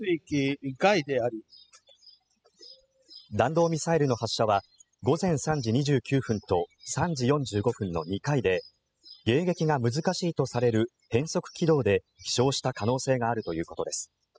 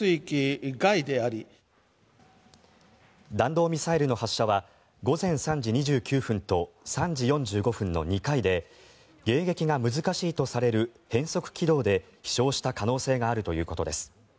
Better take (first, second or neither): second